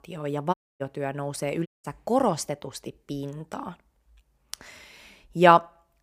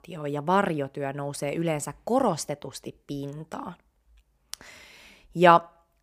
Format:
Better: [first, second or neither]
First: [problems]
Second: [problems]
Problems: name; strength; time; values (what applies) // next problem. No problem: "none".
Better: second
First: audio cutting out; at 0.5 s and at 1.5 s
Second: none